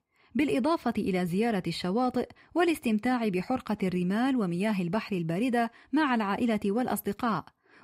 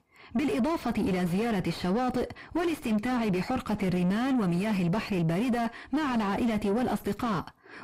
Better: first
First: none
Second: distortion; heavy; 5 dB below the speech

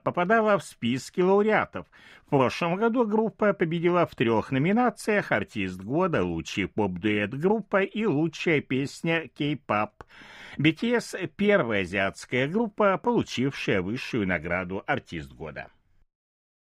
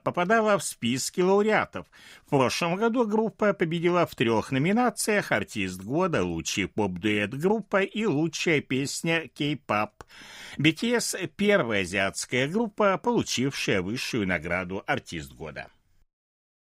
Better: second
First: muffled; slightly; fading above 4 kHz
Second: none

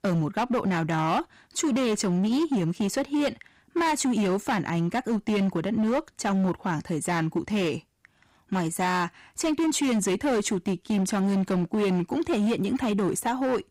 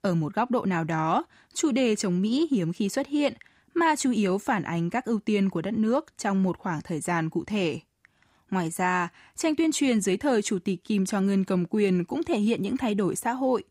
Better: second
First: distortion; slight; 18% of the sound clipped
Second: none

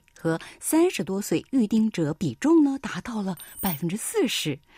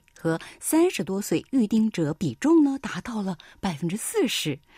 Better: second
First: jangling keys; noticeable; at 3.5 s; peak 6 dB below the speech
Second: none

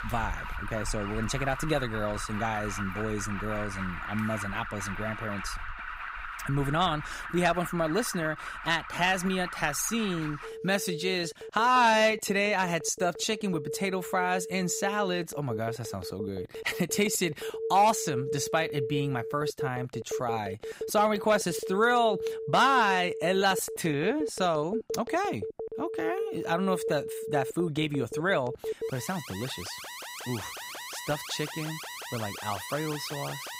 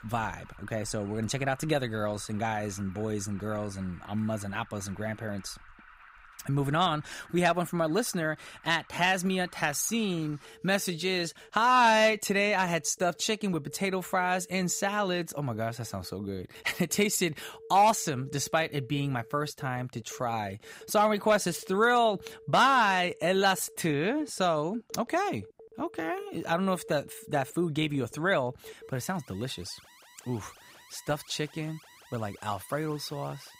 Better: second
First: alarms or sirens; loud; throughout; 8 dB below the speech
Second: alarms or sirens; faint; throughout; 25 dB below the speech

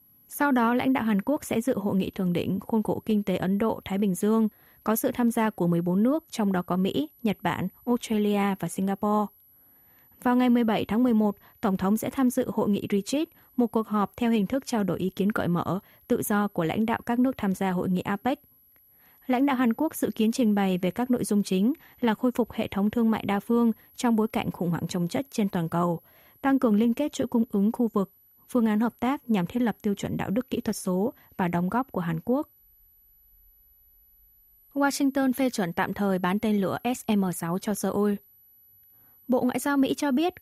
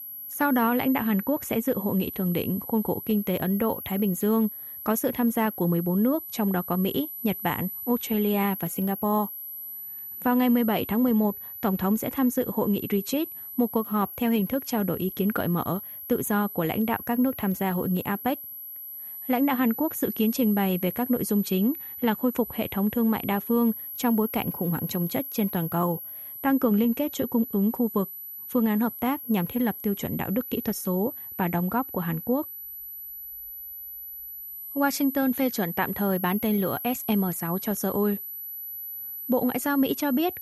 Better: first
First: high-pitched whine; faint; throughout; 12 kHz, 30 dB below the speech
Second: high-pitched whine; loud; throughout; 12 kHz, 8 dB below the speech

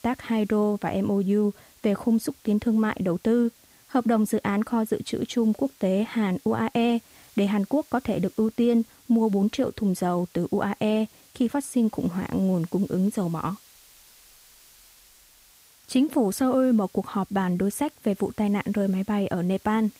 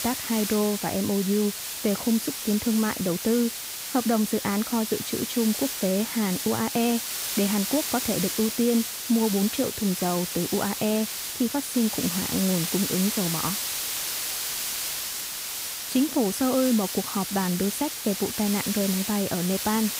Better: first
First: hiss; faint; throughout; 25 dB below the speech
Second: hiss; loud; throughout; 3 dB below the speech

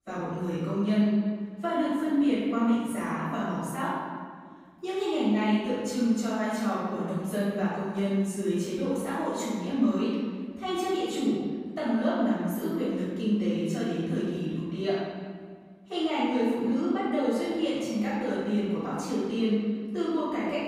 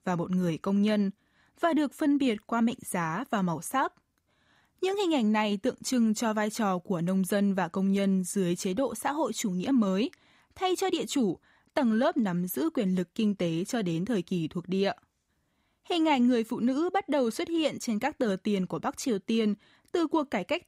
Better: second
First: off-mic speech; far // room echo; strong; dies away in 1.6 s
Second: none

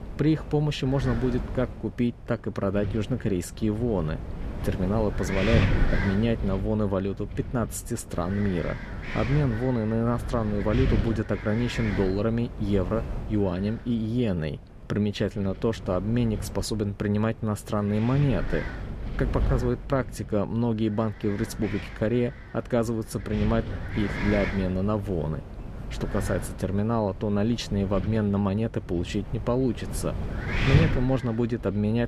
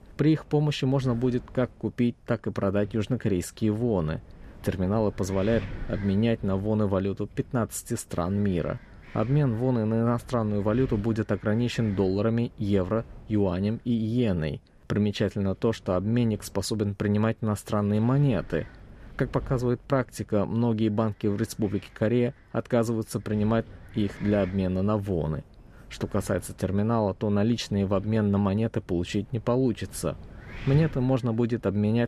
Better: second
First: wind noise on the microphone; heavy; 7 dB below the speech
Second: wind noise on the microphone; occasional gusts; 20 dB below the speech

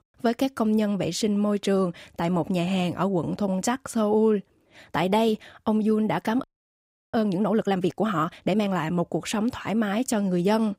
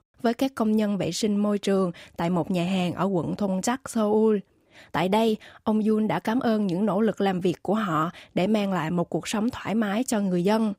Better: second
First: audio freezing; at 6.5 s for 0.5 s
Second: none

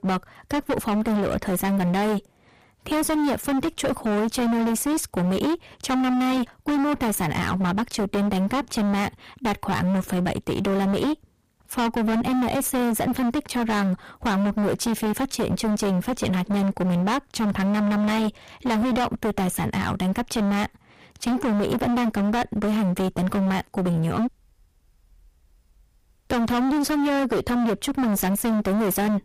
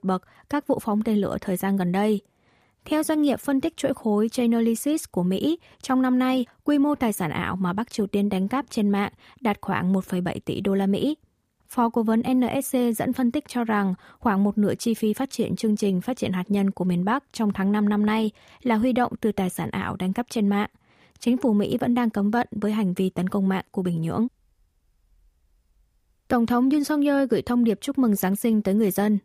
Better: second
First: distortion; heavy; 33% of the sound clipped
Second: none

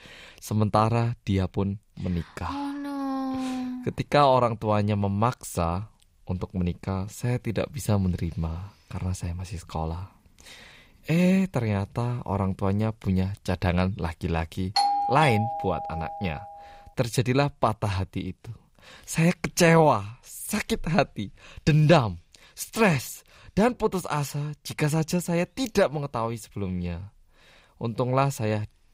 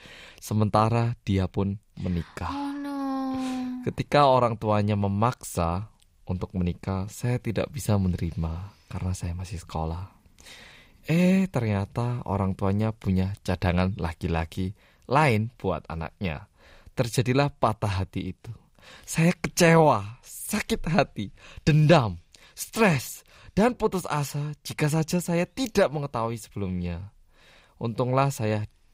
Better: second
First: doorbell; loud; from 15 to 16 s; peak 3 dB above the speech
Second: none

